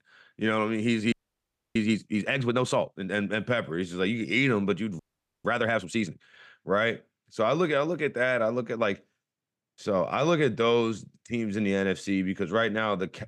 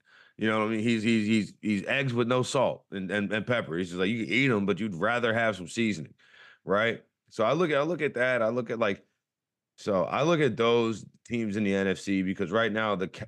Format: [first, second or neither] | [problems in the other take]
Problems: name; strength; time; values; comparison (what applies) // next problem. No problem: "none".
second | audio freezing; at 1 s for 0.5 s and at 5 s